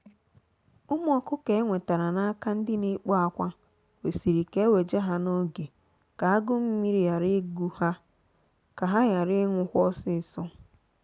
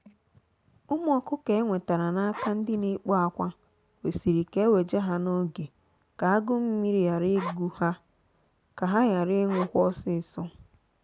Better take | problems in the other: first | background sound (Zipper (clothing)); 11 dB below the speech

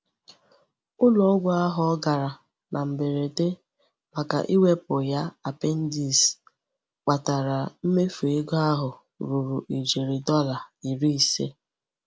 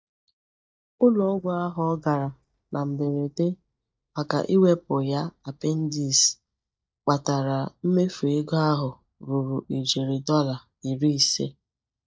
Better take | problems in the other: first | noise reduction (neural mask model DeepFilterNet 3)

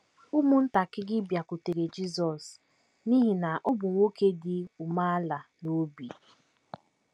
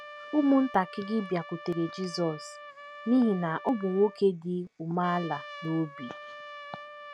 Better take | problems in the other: first | background sound (Trumpet); 15 dB below the speech

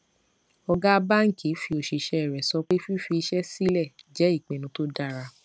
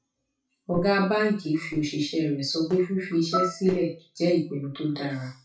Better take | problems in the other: first | noise reduction (classical method WPE with log-MMSE)

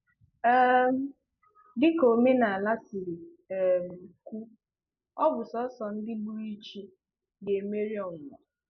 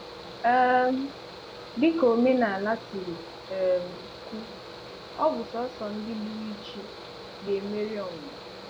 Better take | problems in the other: first | background sound (Mechanical fan); 14 dB below the speech

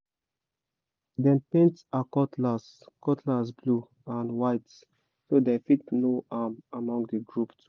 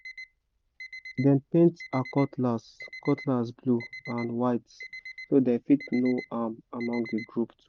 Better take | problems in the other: first | background sound (Alarm); 18 dB below the speech

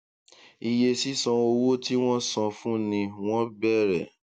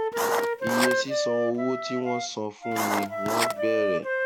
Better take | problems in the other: first | background sound (Writing + Wind instrument, woodwind instrument); 3 dB above the speech

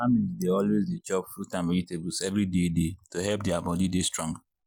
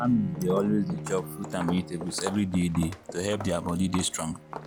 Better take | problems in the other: first | background sound (Bowed string instrument + Walk, footsteps); 10 dB below the speech

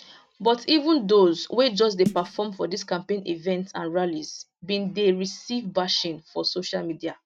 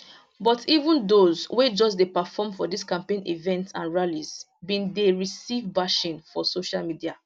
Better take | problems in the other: second | noise reduction (neural mask model RNNoise)

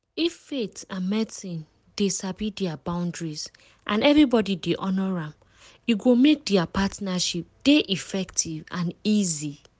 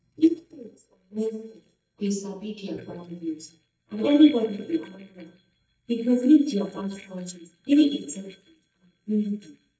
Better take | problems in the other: first | noise reduction (neural mask model DeepFilterNet 3)

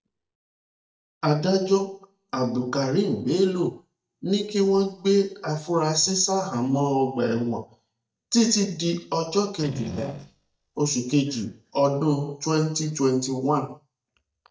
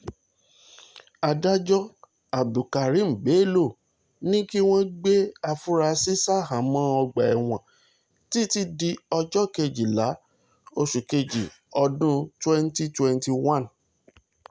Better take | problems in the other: second | noise reduction (neural mask model DeepFilterNet 3)

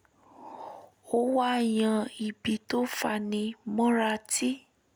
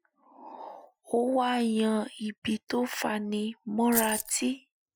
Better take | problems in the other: first | noise reduction (classical method Wiener filter)

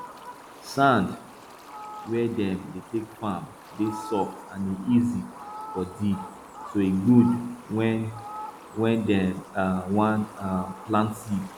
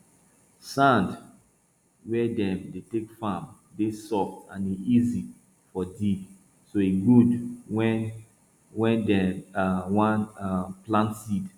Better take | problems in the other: second | background sound (Fowl); 15 dB below the speech

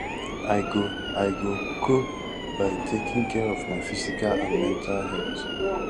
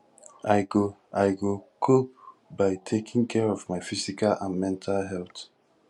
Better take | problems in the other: second | background sound (Subway, metro, underground + Siren); 1 dB below the speech

